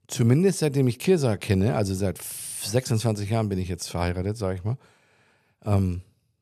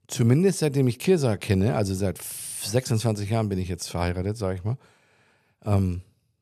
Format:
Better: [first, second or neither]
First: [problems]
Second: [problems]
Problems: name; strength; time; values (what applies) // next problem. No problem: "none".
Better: neither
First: none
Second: none